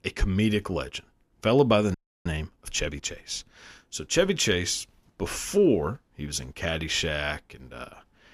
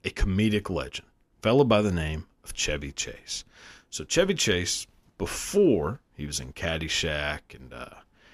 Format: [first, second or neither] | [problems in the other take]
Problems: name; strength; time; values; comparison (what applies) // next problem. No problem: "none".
second | audio freezing; at 2 s